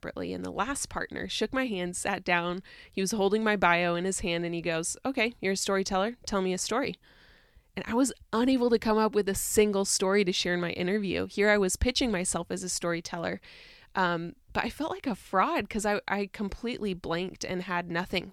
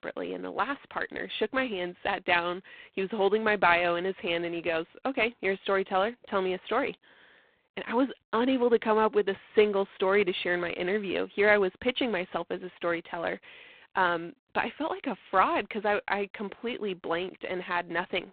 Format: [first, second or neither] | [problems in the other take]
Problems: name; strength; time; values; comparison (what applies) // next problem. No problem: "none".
first | phone-call audio; poor line; nothing above 3.5 kHz